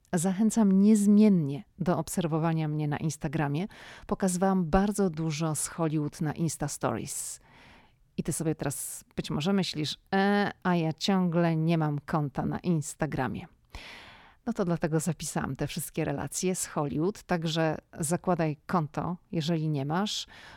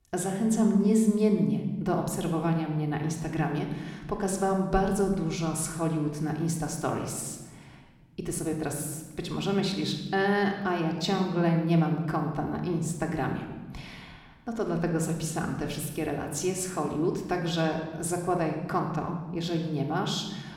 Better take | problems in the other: first | room echo; slight; dies away in 1.1 s // off-mic speech; somewhat distant

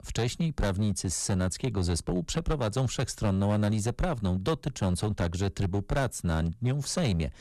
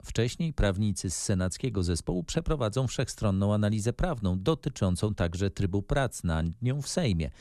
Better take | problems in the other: second | distortion; slight; 11% of the sound clipped

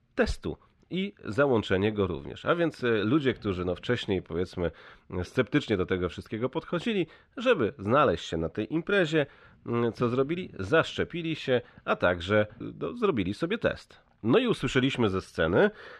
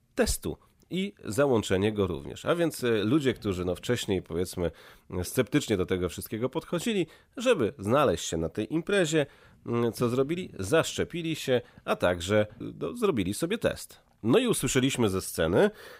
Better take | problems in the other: second | muffled; slightly; fading above 3 kHz

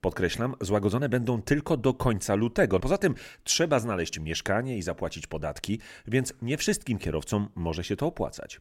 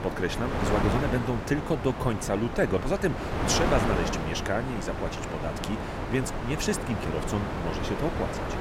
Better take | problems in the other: first | wind noise on the microphone; heavy; 1 dB below the speech

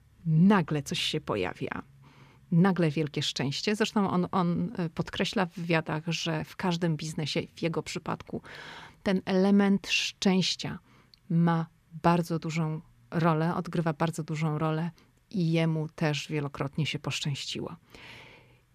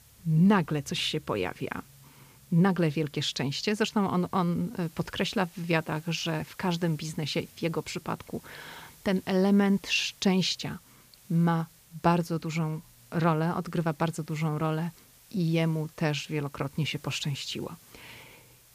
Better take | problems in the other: first | hiss; faint; throughout; 25 dB below the speech

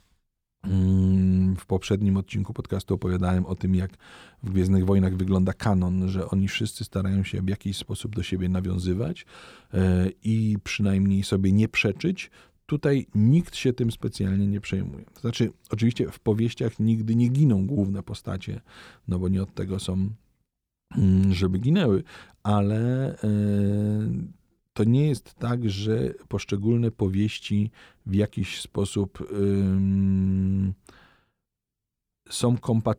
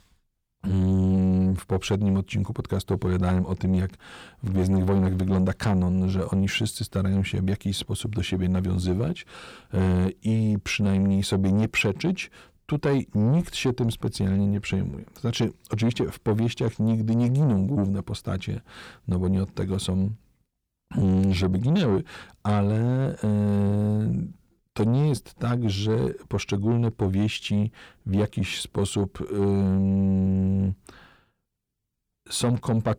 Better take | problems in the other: first | distortion; slight; 10 dB below the speech

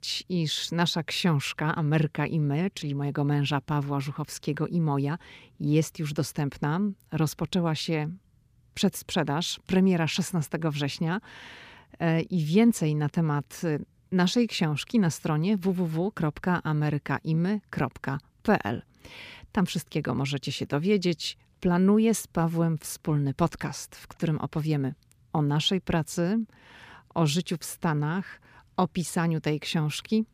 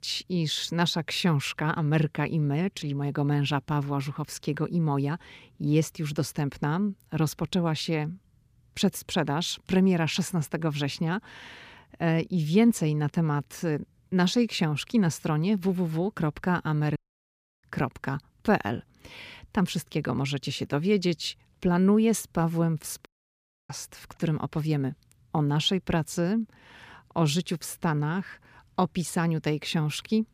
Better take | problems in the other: first | audio cutting out; at 17 s for 0.5 s and at 23 s for 0.5 s

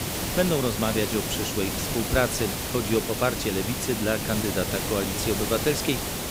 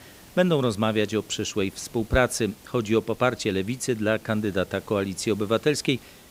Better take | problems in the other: second | hiss; loud; throughout; 1 dB below the speech; faint in the second

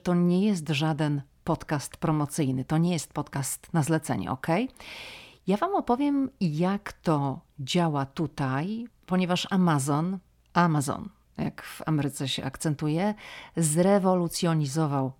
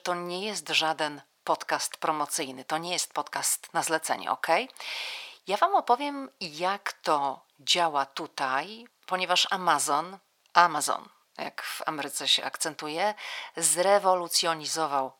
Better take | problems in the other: first | thin; very; fading below 750 Hz

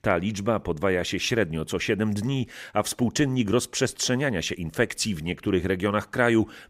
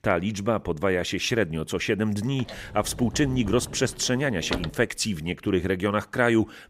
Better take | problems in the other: first | door banging; noticeable; from 2.5 to 4.5 s; peak 6 dB below the speech

